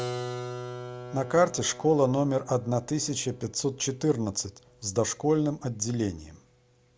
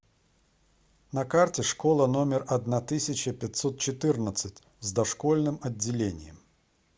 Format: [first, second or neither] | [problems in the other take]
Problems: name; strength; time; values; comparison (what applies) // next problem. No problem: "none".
second | background sound (Keyboard (musical)); 13 dB below the speech